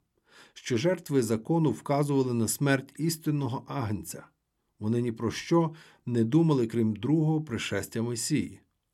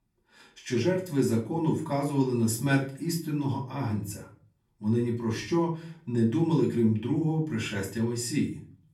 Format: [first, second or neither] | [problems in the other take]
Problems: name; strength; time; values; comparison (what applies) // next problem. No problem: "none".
first | off-mic speech; far // room echo; slight; dies away in 0.3 s